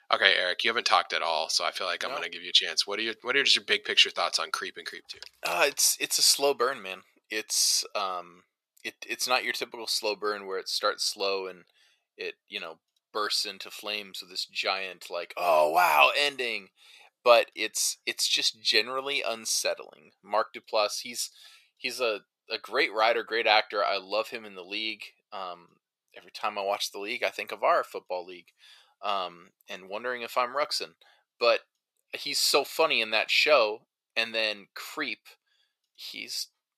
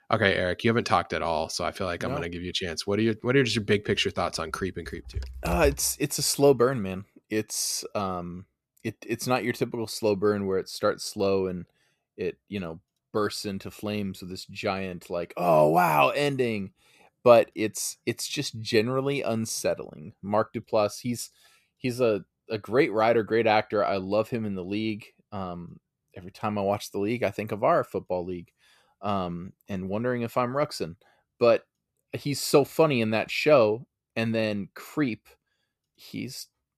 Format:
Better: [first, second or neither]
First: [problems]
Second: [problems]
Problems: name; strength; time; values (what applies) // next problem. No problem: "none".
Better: second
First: thin; very; fading below 700 Hz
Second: none